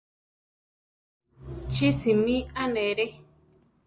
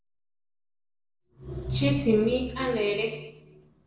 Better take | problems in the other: first | room echo; dies away in 0.8 s

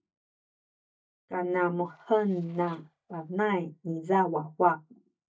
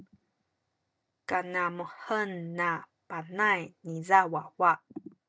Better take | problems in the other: second | noise reduction (neural mask model DeepFilterNet 3)

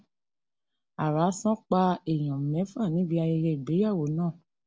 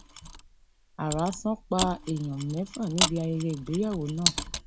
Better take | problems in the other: first | background sound (Mechanisms); 3 dB below the speech

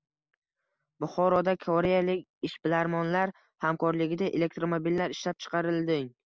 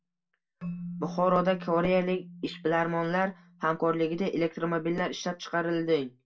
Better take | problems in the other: first | background sound (Keyboard (musical)); 15 dB below the speech // room echo; dies away in 0.2 s

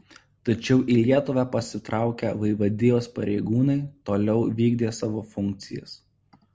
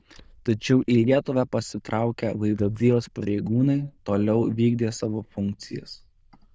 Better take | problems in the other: first | noise reduction (neural diffusion model UNIVERSE++)

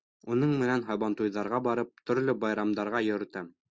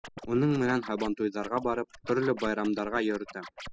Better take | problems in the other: first | noise reduction (classical method spectral subtraction)

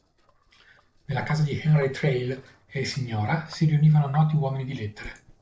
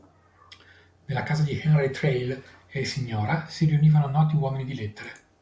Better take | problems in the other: second | noise reduction (neural separator model SepFormer DNS4)

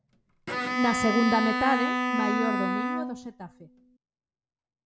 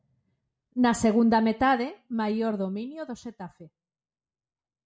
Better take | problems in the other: second | background sound (Bowed string instrument); 1 dB above the speech

